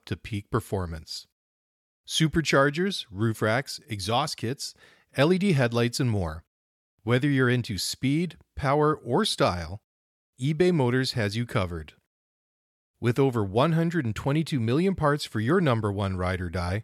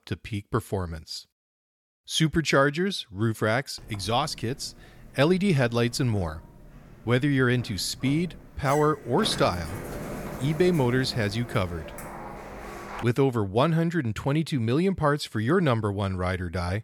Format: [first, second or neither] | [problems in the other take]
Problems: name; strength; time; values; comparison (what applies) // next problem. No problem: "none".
first | door banging; noticeable; from 4 to 13 s; peak 9 dB below the speech